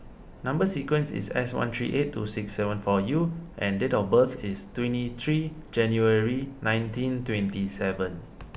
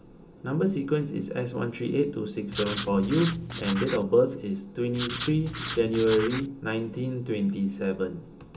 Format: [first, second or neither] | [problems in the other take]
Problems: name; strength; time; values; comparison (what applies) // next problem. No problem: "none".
first | background sound (Writing); 8 dB below the speech // room echo; dies away in 0.2 s